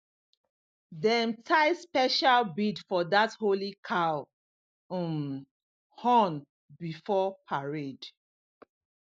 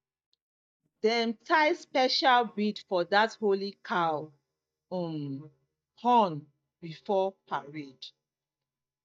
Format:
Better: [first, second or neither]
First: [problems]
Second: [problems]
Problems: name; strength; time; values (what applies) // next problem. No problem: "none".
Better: first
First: none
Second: noise reduction (neural mask model DeepFilterNet 3)